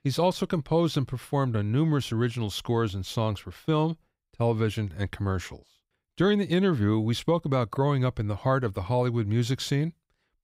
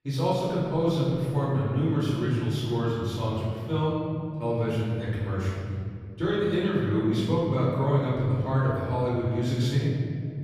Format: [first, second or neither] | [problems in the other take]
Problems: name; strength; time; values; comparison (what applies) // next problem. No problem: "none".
first | off-mic speech; far // room echo; strong; dies away in 2.6 s